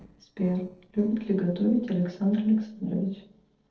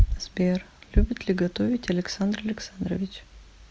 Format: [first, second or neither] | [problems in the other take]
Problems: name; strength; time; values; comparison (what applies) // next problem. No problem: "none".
second | noise reduction (neural separator model SepFormer DNS4)